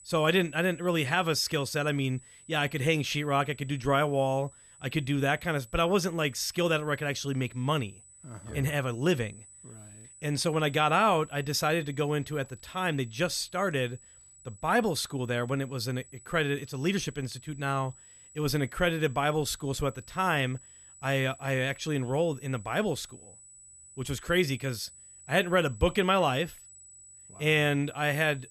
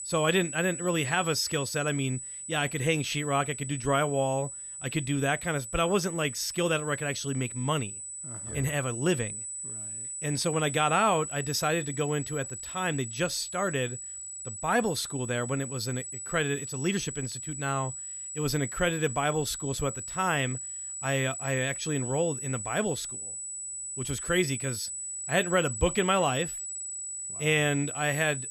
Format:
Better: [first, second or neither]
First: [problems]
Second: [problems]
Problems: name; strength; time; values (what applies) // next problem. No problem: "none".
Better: first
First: high-pitched whine; faint; throughout; 8 kHz, 20 dB below the speech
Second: high-pitched whine; loud; throughout; 8 kHz, 6 dB below the speech